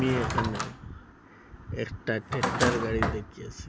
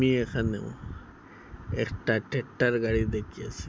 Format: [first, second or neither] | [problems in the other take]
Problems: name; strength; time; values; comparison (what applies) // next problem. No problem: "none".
second | background sound (Drawer open or close); 1 dB below the speech